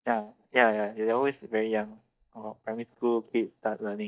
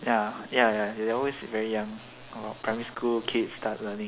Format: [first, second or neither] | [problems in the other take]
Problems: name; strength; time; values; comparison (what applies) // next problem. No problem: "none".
second | noise reduction (neural mask model DeepFilterNet 3)